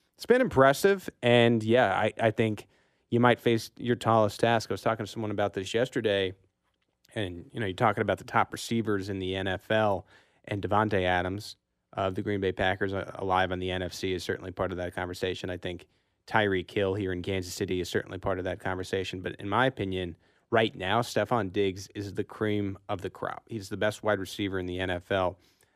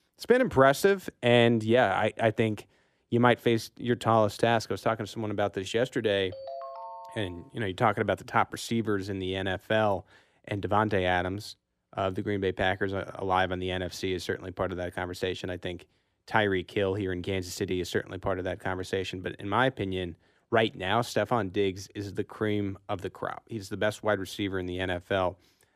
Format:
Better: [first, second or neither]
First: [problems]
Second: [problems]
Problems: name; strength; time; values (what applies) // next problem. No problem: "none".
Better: first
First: none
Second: phone ringing; faint; from 6.5 to 7.5 s; peak 10 dB below the speech